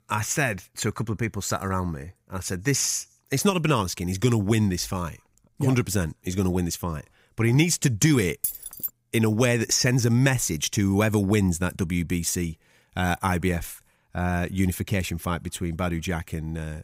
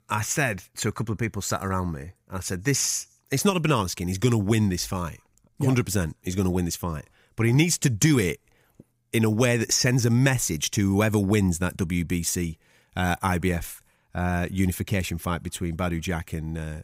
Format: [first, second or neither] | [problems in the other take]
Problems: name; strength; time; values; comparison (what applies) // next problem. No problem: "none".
second | jangling keys; noticeable; at 8.5 s; peak 4 dB below the speech